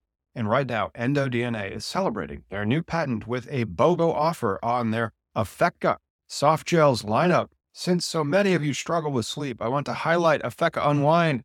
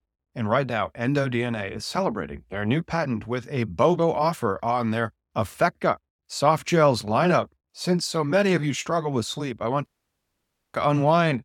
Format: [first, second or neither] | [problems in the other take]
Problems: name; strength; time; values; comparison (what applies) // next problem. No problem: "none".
first | audio cutting out; at 10 s for 1 s